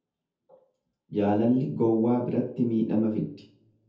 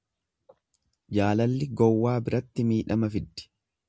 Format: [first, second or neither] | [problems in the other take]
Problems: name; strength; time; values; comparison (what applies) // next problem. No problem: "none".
second | room echo; dies away in 0.5 s